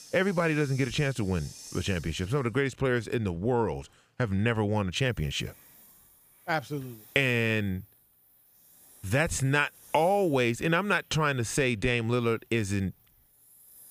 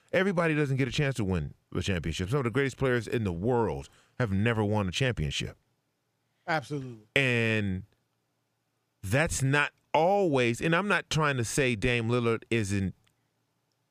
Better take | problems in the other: second | hiss; faint; throughout; 25 dB below the speech

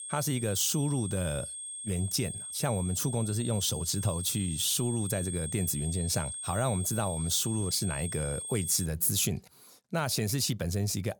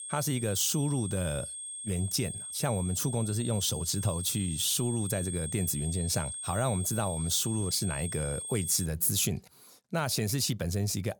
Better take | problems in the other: neither | high-pitched whine; loud; until 9 s; 8.5 kHz, 6 dB below the speech; the same in both

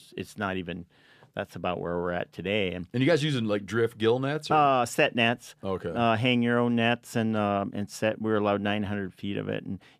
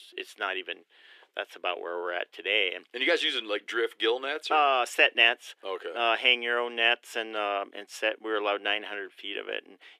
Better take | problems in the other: first | thin; very; fading below 350 Hz

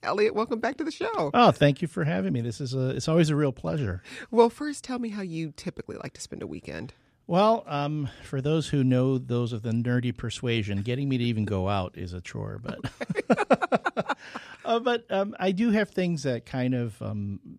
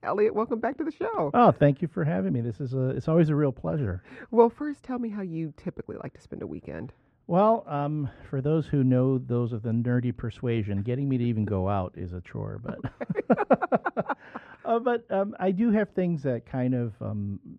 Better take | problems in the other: first | muffled; very; fading above 2.5 kHz

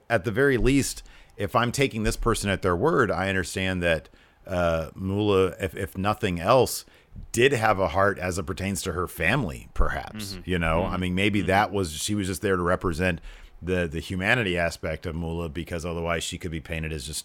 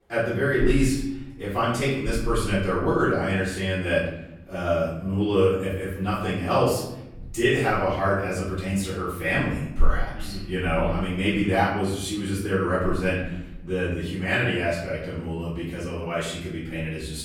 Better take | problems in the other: first | off-mic speech; far // room echo; noticeable; dies away in 0.8 s

